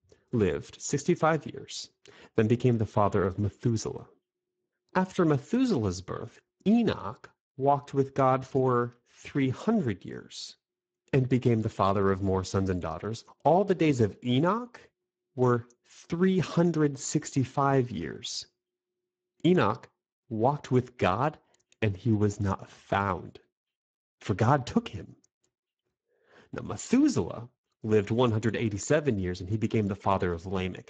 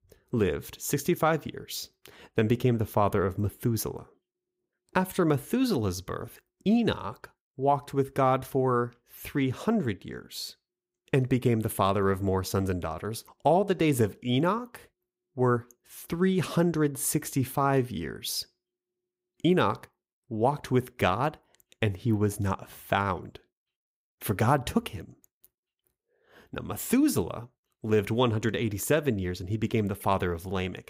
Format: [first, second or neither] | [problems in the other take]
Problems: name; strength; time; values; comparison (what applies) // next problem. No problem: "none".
second | garbled, watery; badly; nothing above 7.5 kHz